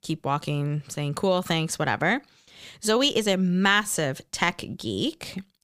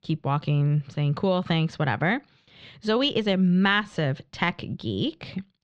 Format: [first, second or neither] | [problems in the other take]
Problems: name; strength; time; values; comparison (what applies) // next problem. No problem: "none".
first | muffled; very slightly; fading above 4 kHz